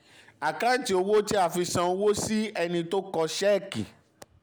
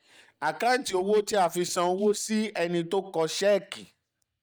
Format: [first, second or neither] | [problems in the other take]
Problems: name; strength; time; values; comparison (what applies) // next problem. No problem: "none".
first | noise reduction (neural mask model DeepFilterNet 3)